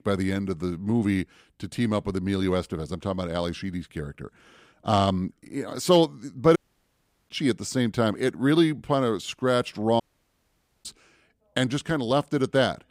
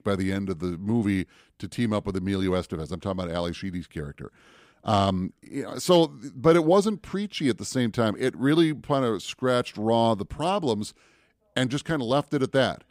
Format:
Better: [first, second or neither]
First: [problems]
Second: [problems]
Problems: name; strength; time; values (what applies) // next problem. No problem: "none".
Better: second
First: audio cutting out; at 6.5 s for 0.5 s and at 10 s for 1 s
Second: none